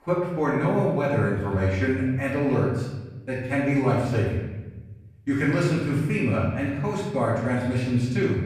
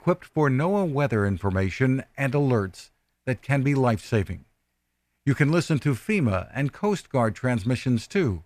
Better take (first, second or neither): second